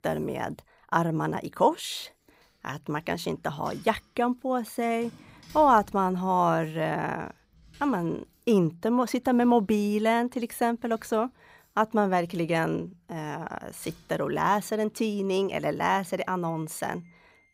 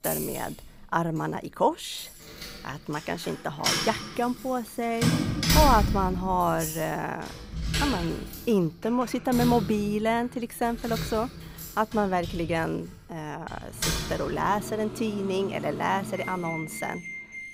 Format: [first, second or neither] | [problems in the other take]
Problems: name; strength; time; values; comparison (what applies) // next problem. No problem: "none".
first | household noises; loud; throughout; 3 dB below the speech; faint in the first